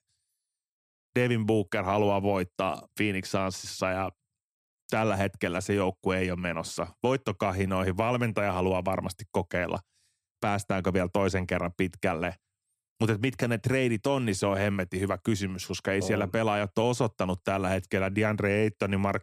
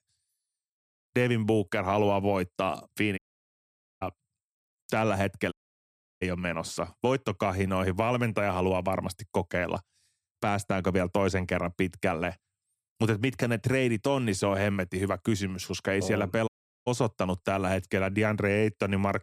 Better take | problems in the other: first | audio cutting out; at 3 s for 1 s, at 5.5 s for 0.5 s and at 16 s

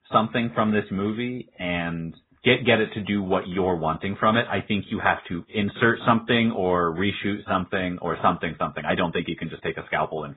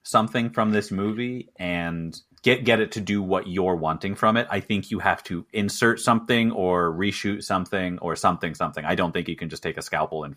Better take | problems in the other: second | garbled, watery; badly; nothing above 3.5 kHz

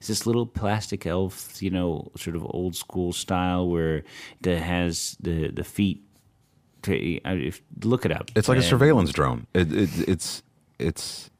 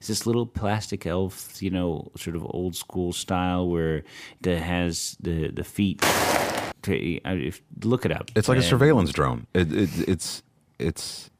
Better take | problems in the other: first | footsteps; loud; at 6 s; peak 5 dB above the speech

